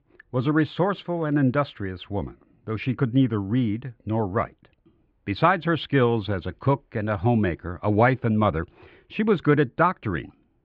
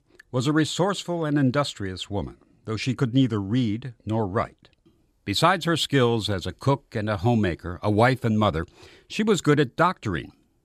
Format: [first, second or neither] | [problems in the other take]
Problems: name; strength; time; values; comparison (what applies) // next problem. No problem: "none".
second | muffled; very; fading above 2.5 kHz